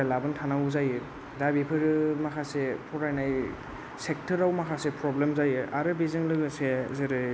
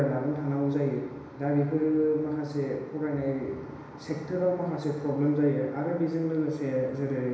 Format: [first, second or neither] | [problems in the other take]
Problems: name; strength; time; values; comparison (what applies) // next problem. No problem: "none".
first | room echo; dies away in 1 s